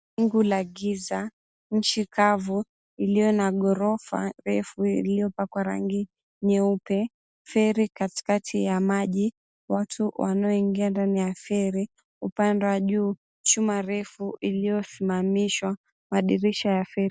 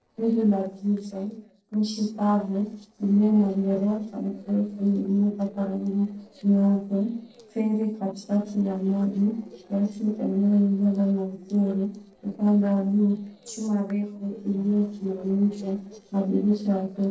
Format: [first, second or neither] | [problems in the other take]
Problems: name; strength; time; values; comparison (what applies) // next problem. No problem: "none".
first | noise reduction (neural separator model SepFormer DNS4)